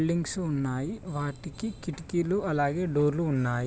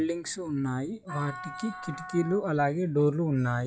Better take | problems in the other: first | noise reduction (classical method log-MMSE)

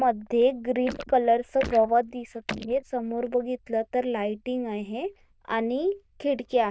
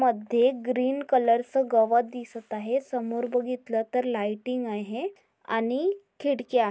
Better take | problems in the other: second | noise reduction (neural diffusion model UNIVERSE++)

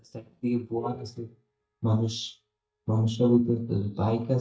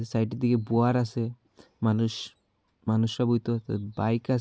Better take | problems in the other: second | noise reduction (neural mask model DeepFilterNet 3)

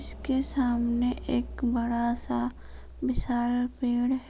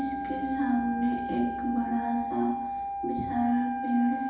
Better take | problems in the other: first | background sound (Wind instrument, woodwind instrument); 4 dB below the speech // room echo; dies away in 0.9 s

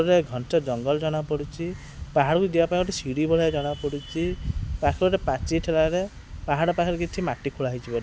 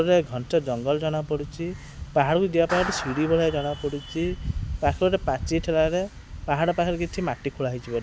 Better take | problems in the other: first | background sound (Clapping); 13 dB below the speech

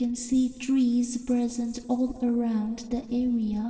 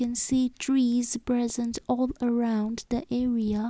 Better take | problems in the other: second | room echo; dies away in 2.1 s

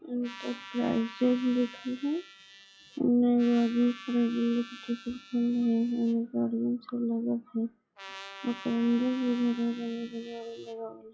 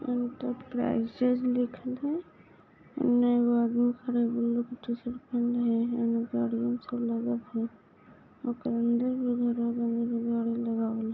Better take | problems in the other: second | noise reduction (classical method log-MMSE)

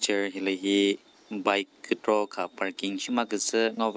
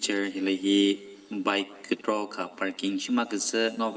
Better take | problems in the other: first | room echo; dies away in 1.6 s

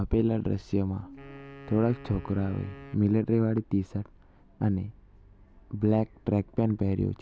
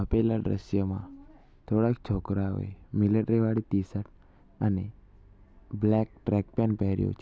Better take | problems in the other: second | background sound (Wind instrument, woodwind instrument); 20 dB below the speech

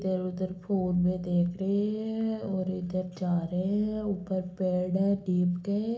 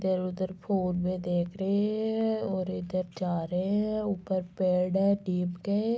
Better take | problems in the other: second | room echo; dies away in 0.4 s

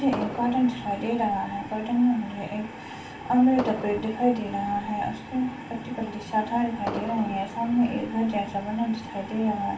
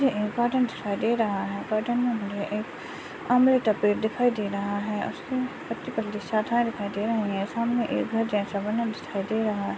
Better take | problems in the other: second | background sound (Fireworks); 14 dB below the speech // room echo; dies away in 0.3 s

